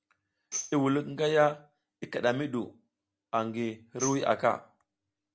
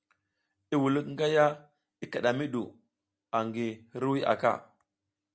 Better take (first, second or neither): second